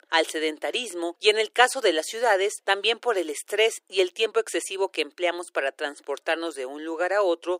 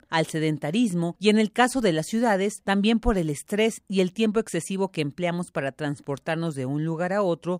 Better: second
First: thin; very; fading below 350 Hz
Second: none

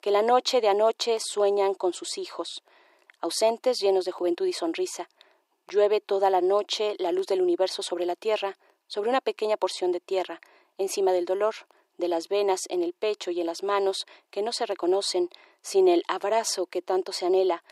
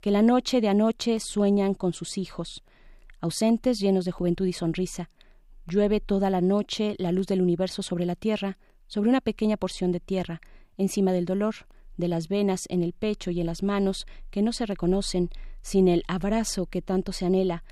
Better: second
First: thin; very; fading below 350 Hz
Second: none

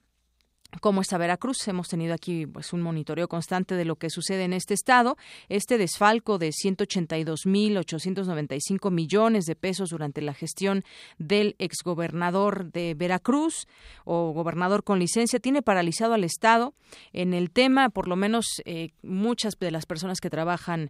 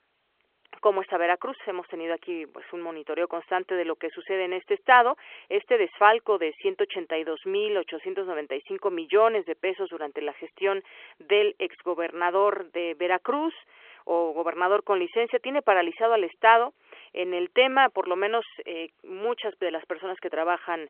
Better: first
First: none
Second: phone-call audio; nothing above 3 kHz

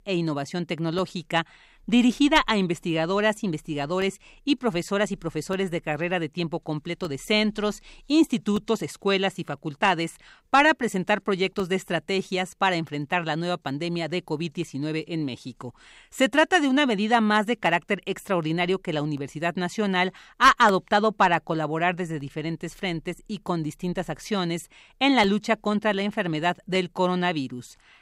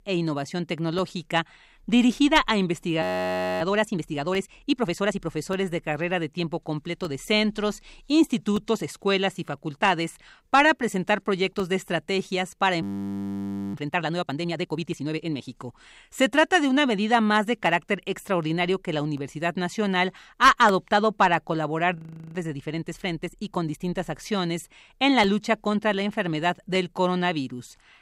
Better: first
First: none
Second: audio freezing; at 3 s for 0.5 s, at 13 s for 1 s and at 22 s

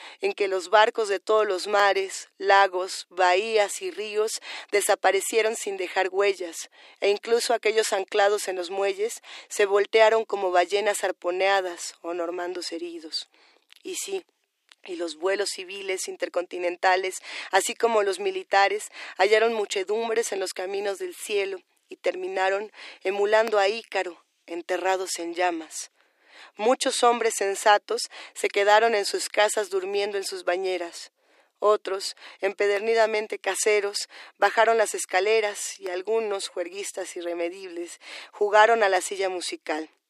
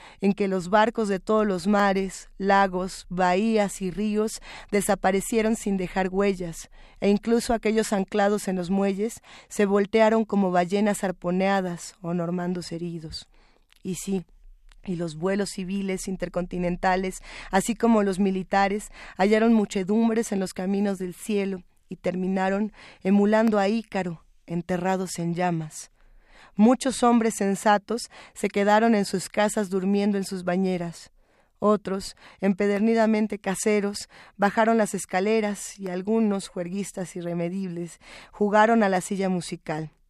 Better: second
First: thin; very; fading below 300 Hz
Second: none

